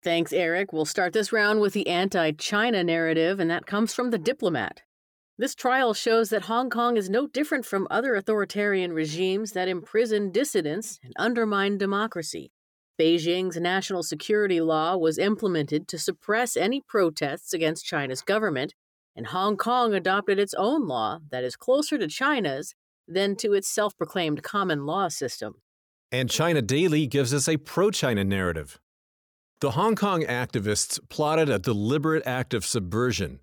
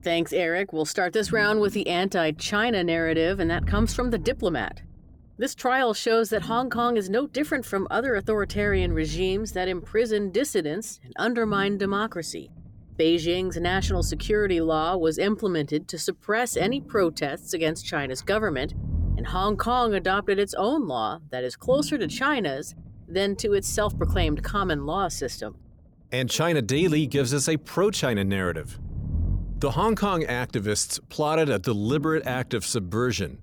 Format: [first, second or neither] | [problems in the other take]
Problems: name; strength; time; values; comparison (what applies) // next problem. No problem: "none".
first | low rumble; faint; throughout; 25 dB below the speech